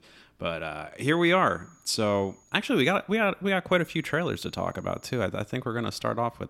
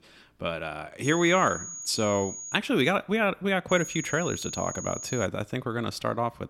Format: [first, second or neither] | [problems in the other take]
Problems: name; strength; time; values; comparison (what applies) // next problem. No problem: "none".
first | high-pitched whine; loud; from 1 to 2.5 s and from 3.5 to 5.5 s; 6.5 kHz, 9 dB below the speech; faint in the first